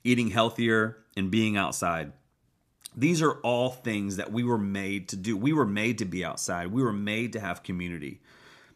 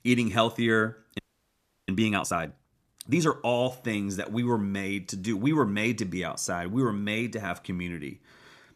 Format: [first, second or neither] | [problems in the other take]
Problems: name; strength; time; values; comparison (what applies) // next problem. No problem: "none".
first | audio freezing; at 1 s for 0.5 s